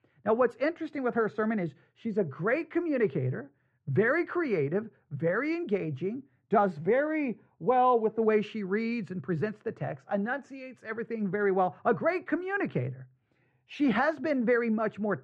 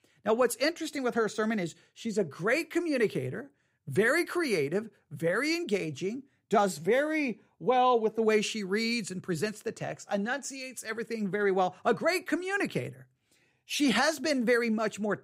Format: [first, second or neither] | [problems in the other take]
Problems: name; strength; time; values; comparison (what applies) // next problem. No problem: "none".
second | muffled; very; fading above 1.5 kHz